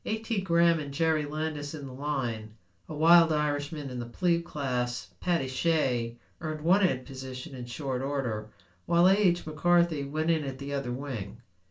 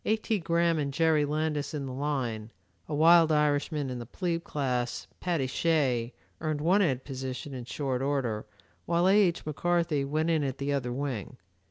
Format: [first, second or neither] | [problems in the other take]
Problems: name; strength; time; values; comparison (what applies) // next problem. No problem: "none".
second | room echo; dies away in 0.2 s